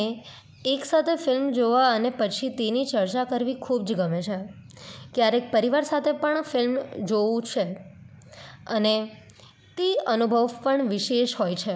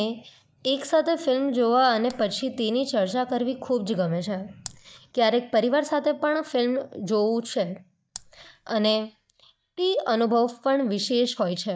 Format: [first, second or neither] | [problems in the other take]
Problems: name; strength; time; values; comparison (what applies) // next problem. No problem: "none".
first | noise reduction (neural mask model DeepFilterNet 3)